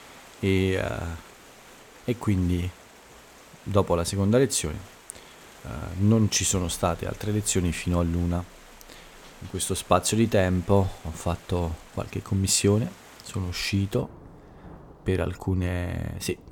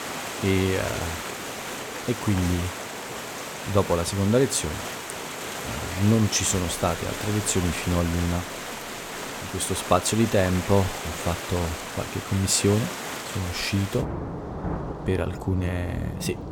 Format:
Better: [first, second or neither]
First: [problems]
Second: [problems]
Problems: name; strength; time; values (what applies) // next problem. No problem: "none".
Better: first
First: rain or running water; faint; throughout; 20 dB below the speech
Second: rain or running water; loud; throughout; 7 dB below the speech